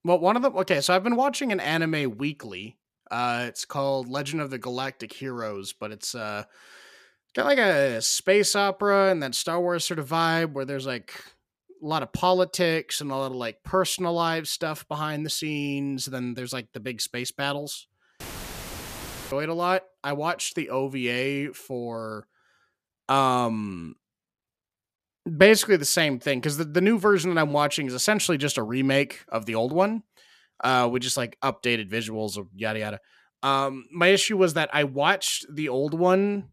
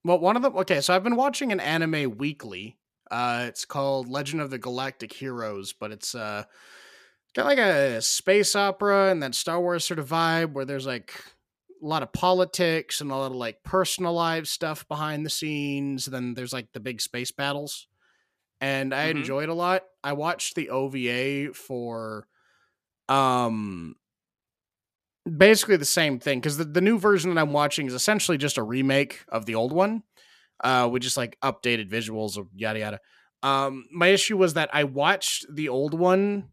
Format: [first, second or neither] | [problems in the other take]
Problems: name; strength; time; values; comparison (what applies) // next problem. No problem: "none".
second | audio cutting out; filled with static; at 18 s for 1 s